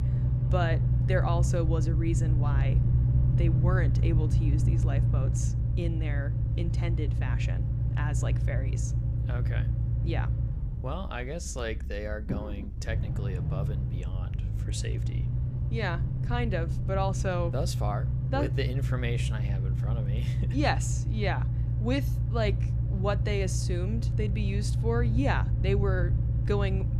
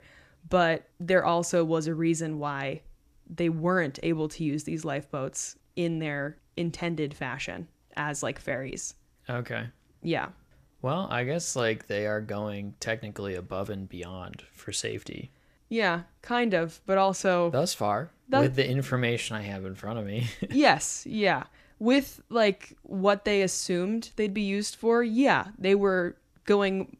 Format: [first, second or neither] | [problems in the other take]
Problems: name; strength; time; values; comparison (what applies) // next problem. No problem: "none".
second | low rumble; loud; throughout; 6 dB below the speech